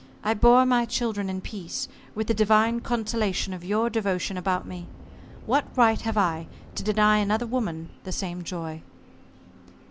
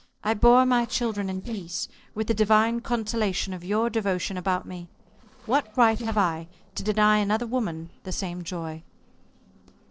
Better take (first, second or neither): first